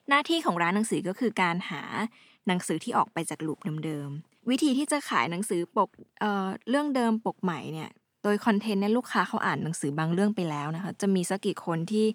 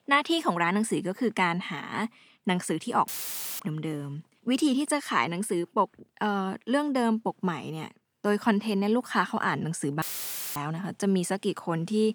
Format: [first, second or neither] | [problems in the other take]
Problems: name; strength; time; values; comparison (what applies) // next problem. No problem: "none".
first | audio cutting out; filled with static; at 3 s for 0.5 s and at 10 s for 0.5 s